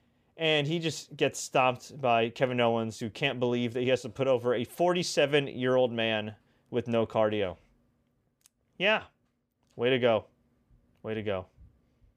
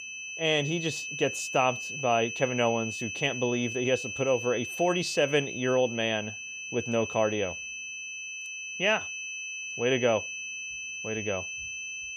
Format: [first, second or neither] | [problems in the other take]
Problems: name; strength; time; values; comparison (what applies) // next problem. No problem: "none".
first | high-pitched whine; loud; throughout; 2.5 kHz, 6 dB below the speech